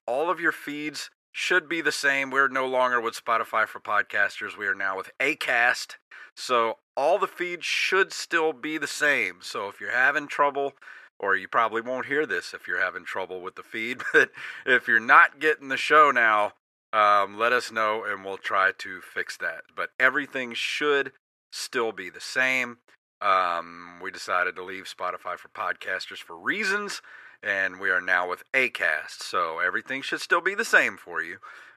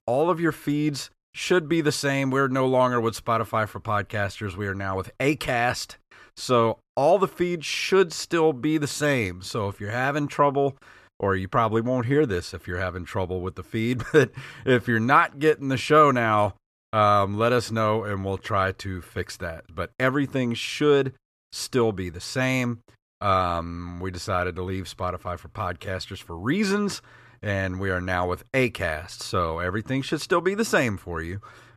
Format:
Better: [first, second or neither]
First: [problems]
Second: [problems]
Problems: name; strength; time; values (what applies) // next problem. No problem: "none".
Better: second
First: thin; very; fading below 400 Hz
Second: none